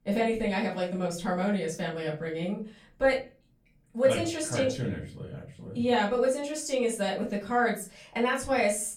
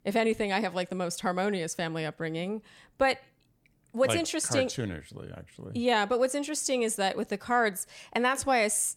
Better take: second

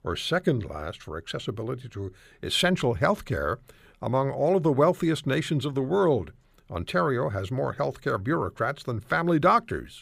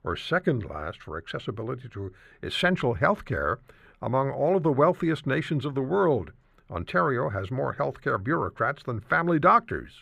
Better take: first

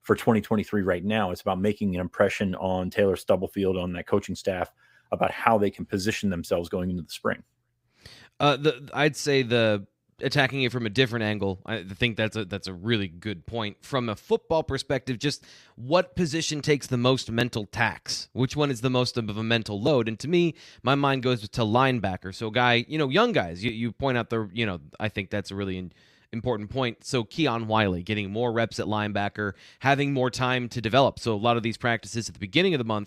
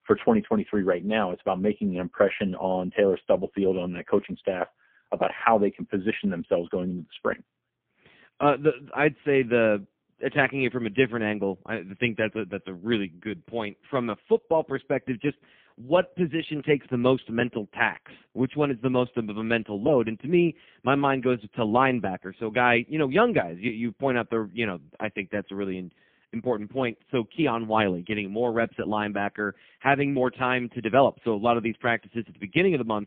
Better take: first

